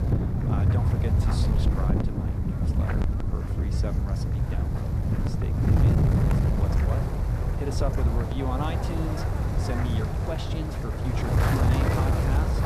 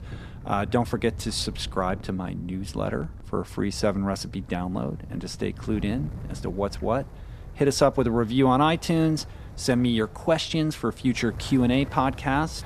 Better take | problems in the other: second | wind noise on the microphone; heavy; 4 dB above the speech; occasional gusts in the second

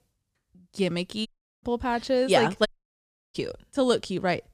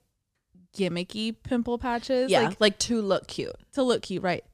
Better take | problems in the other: second | audio cutting out; at 1.5 s and at 2.5 s for 0.5 s

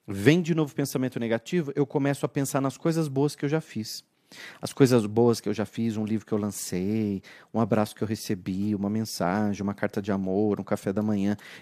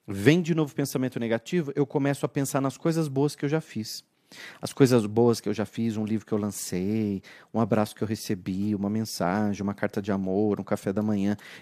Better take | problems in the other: neither | none

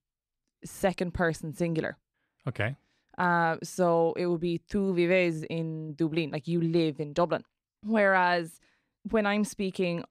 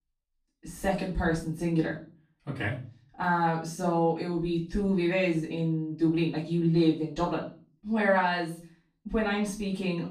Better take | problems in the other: first | off-mic speech; far // room echo; slight; dies away in 0.4 s

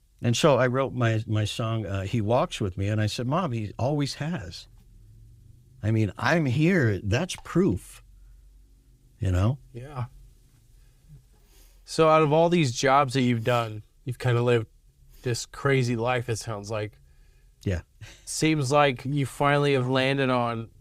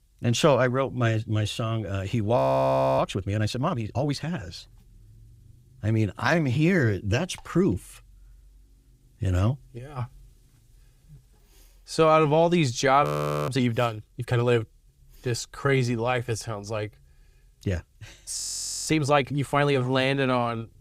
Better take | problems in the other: first | audio freezing; at 2.5 s for 0.5 s, at 13 s and at 18 s for 0.5 s

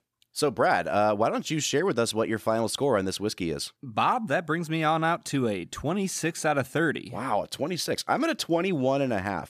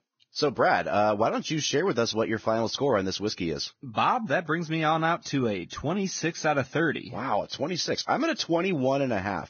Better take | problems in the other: first | garbled, watery; badly; nothing above 6.5 kHz

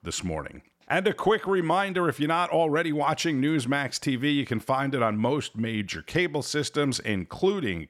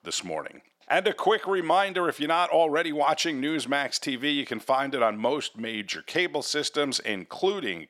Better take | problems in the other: first | thin; somewhat; fading below 300 Hz

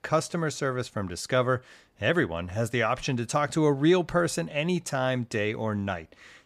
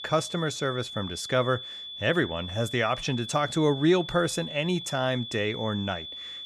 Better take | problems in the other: first | high-pitched whine; loud; throughout; 3.5 kHz, 9 dB below the speech

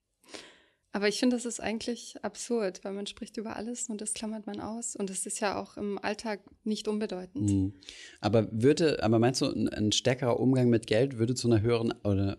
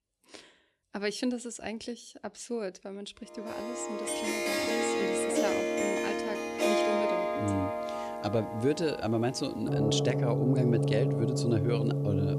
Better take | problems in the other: first | background music; very loud; from 4 s on; 3 dB above the speech

